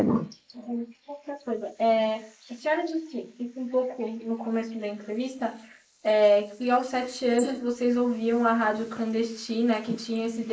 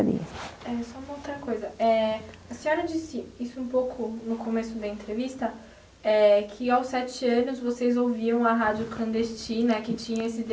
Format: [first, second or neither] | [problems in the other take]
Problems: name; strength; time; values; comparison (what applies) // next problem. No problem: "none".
second | noise reduction (neural mask model Resemble Enhance denoiser)